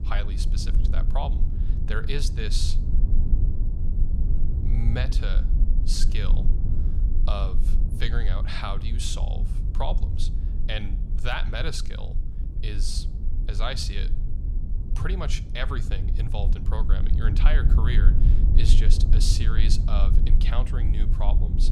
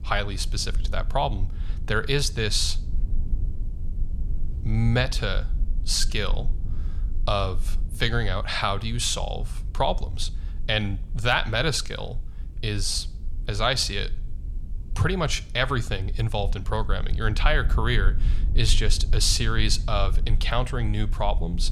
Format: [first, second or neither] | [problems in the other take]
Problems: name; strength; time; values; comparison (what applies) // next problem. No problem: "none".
second | low rumble; loud; throughout; 9 dB below the speech; faint in the second